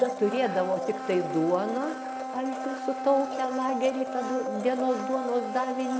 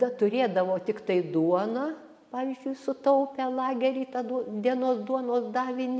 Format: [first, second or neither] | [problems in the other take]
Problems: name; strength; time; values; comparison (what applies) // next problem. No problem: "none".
second | background sound (Domestic sounds, home sounds); 5 dB below the speech